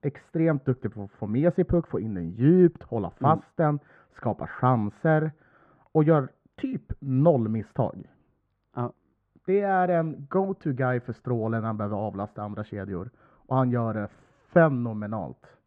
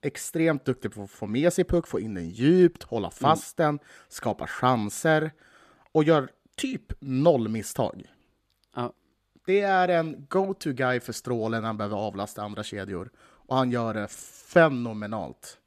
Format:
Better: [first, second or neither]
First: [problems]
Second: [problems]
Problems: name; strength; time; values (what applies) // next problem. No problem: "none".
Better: second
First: muffled; very; fading above 1 kHz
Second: none